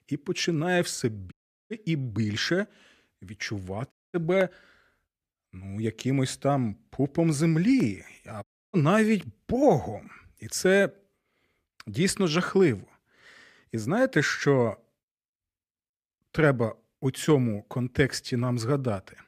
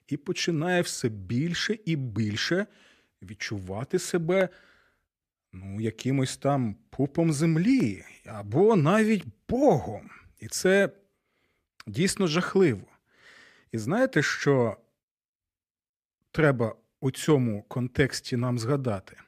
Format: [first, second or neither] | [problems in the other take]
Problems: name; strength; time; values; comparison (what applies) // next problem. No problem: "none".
second | audio cutting out; at 1.5 s, at 4 s and at 8.5 s